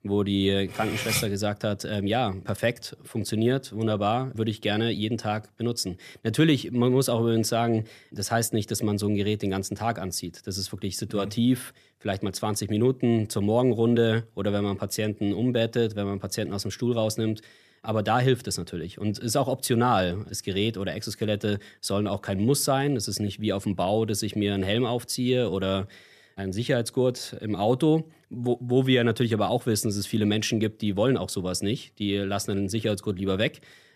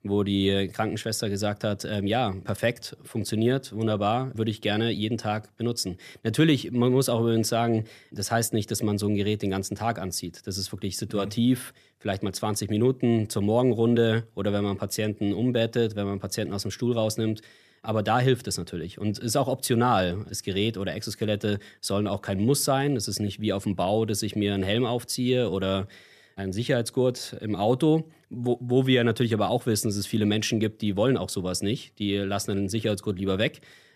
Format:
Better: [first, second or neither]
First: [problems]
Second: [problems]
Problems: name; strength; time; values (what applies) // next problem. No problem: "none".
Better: second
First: clattering dishes; noticeable; at 0.5 s; peak 1 dB below the speech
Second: none